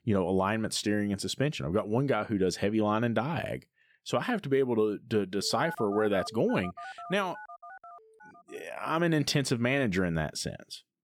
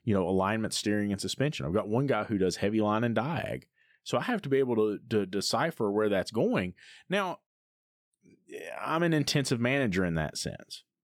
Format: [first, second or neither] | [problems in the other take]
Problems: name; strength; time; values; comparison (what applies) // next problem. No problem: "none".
second | phone ringing; noticeable; from 5.5 to 8.5 s; peak 9 dB below the speech